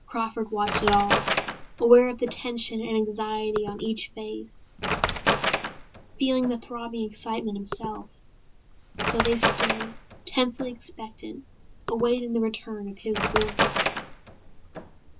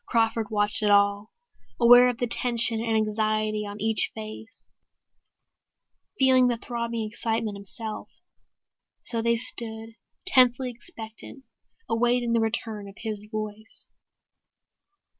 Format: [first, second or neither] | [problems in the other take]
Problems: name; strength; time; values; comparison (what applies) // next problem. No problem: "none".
second | background sound (Wood); 3 dB below the speech // room echo; dies away in 0.2 s